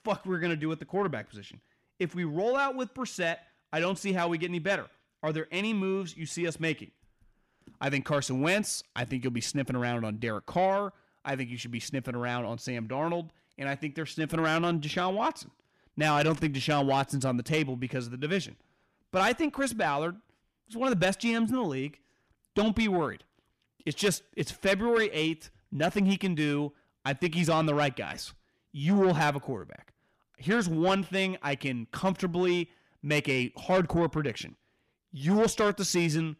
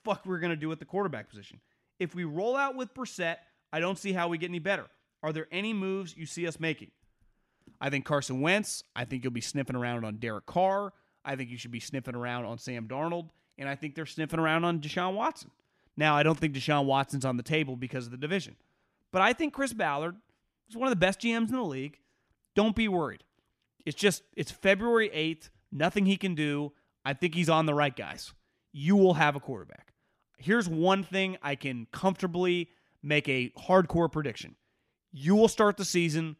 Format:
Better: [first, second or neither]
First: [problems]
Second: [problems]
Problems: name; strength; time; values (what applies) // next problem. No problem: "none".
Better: second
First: distortion; slight; 10 dB below the speech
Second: none